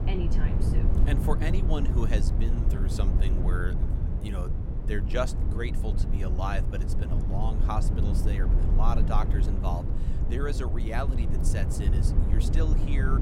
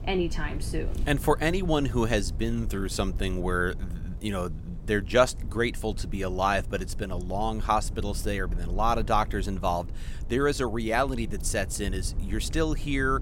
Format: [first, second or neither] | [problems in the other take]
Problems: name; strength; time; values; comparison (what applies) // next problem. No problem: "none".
second | low rumble; loud; throughout; 4 dB below the speech; faint in the second